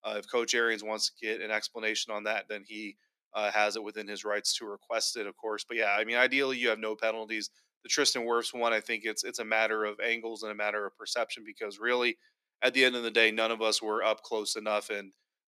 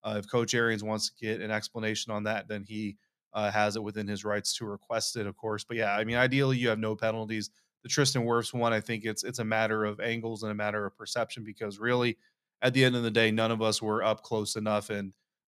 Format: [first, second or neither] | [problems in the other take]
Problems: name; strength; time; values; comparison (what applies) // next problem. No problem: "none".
second | thin; somewhat; fading below 300 Hz